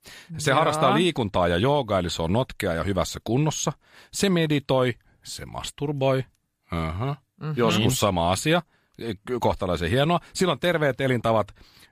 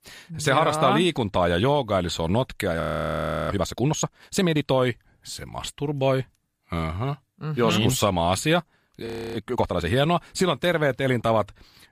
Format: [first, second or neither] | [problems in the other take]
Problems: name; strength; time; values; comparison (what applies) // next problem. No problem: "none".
first | audio freezing; at 3 s for 0.5 s and at 9 s